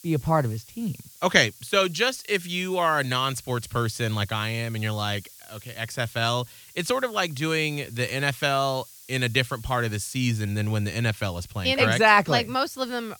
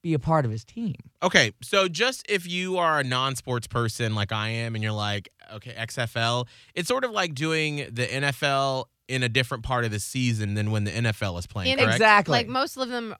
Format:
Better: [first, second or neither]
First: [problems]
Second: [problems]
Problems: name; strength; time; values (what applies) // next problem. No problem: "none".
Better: second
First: hiss; faint; throughout; 20 dB below the speech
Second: none